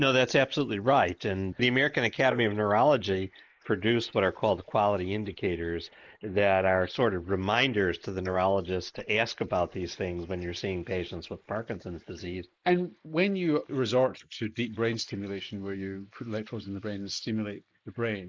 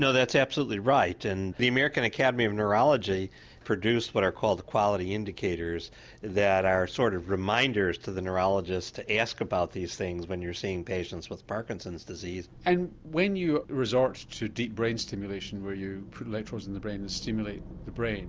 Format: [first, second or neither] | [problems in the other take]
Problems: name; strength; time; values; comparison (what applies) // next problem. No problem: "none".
second | noise reduction (neural mask model Resemble Enhance denoiser)